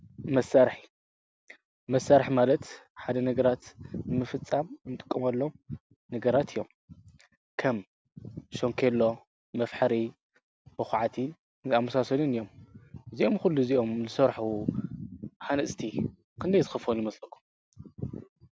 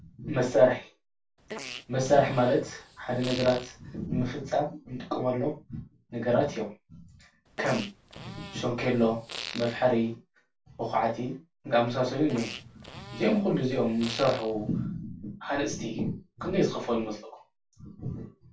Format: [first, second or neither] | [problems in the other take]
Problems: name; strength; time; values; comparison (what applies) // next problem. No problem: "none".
first | background sound (Fart); 14 dB below the speech // room echo; dies away in 0.2 s